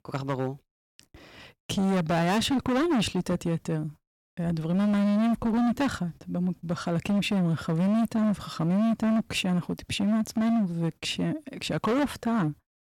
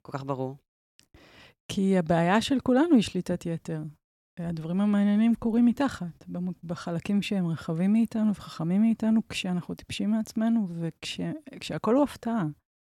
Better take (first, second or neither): second